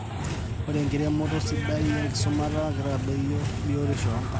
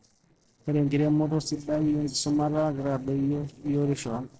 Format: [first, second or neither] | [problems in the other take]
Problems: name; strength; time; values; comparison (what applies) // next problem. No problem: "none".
first | noise reduction (neural separator model SepFormer DNS4)